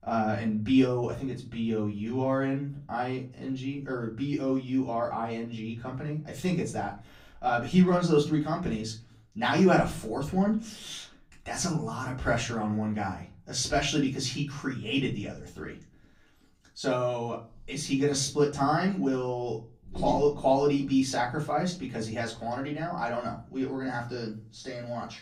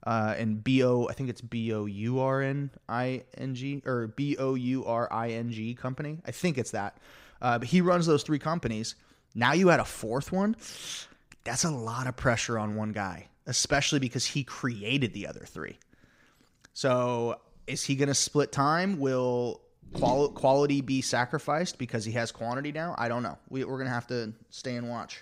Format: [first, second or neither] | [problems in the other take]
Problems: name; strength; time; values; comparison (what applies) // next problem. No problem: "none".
second | off-mic speech; far // room echo; very slight; dies away in 0.3 s